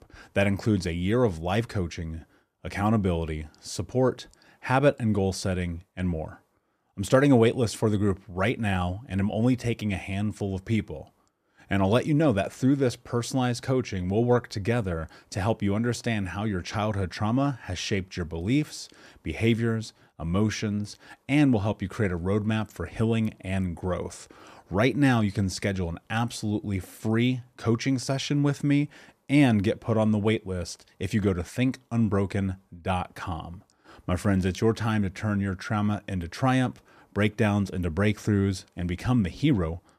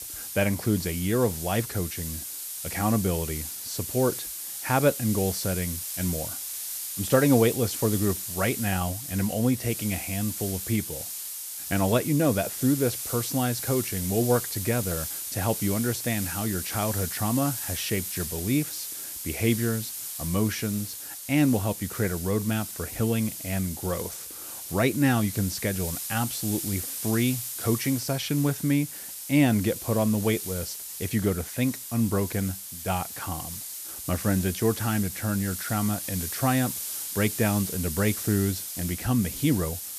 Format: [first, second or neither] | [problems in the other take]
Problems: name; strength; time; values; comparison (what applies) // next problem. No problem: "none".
first | hiss; loud; throughout; 5 dB below the speech